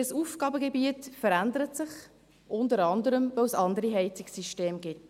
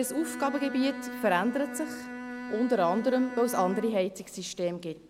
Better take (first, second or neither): first